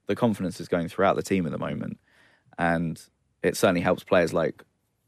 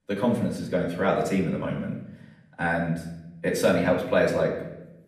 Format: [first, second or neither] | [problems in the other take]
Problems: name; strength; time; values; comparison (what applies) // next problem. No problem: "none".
first | off-mic speech; far // room echo; slight; dies away in 0.7 s